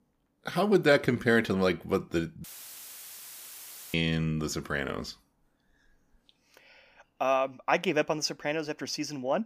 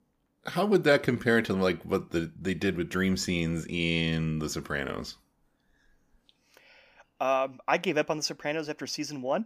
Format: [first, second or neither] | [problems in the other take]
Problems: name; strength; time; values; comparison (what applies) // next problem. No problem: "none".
second | audio cutting out; filled with static; at 2.5 s for 1.5 s